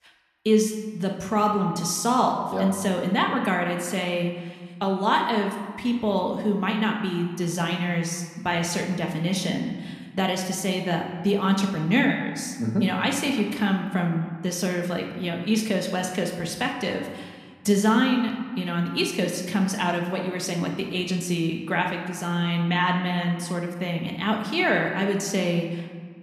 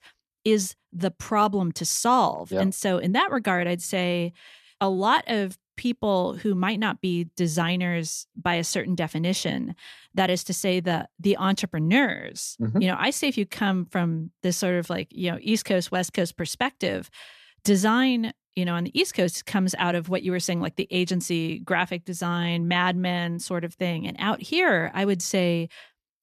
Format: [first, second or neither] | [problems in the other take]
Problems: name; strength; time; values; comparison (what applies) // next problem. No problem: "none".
second | room echo; slight; dies away in 1.3 s